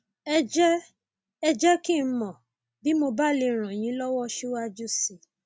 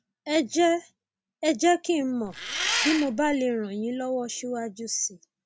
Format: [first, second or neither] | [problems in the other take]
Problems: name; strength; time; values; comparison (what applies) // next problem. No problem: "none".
first | background sound (Engine); 2 dB below the speech